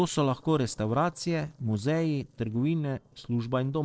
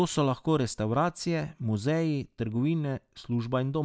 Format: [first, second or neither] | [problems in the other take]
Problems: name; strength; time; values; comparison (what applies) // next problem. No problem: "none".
second | noise reduction (neural separator model SepFormer DNS4)